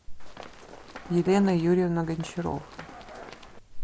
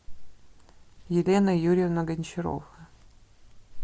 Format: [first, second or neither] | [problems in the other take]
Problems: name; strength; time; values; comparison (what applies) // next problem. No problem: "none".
second | background sound (Run); 17 dB below the speech